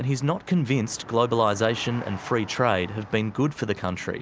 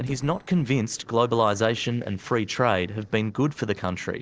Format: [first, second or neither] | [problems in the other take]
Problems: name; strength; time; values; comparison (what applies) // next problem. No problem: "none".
first | noise reduction (neural separator model SepFormer DNS4)